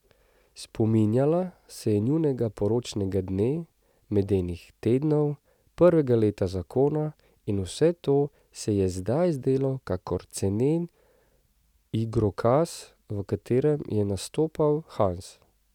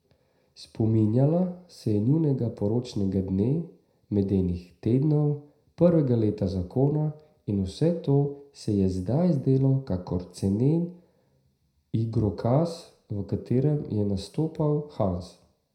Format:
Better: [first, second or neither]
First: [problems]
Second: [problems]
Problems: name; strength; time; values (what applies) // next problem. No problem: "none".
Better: first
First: none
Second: room echo; dies away in 0.5 s